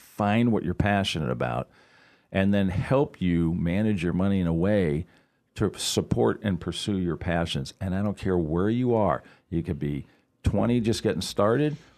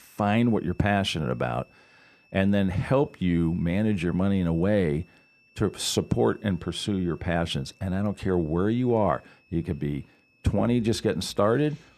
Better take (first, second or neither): first